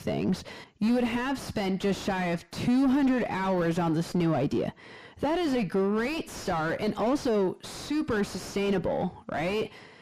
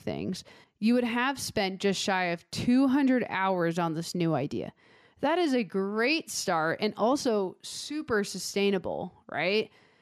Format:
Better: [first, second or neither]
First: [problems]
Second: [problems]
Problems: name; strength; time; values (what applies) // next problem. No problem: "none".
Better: second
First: distortion; heavy; 6 dB below the speech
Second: none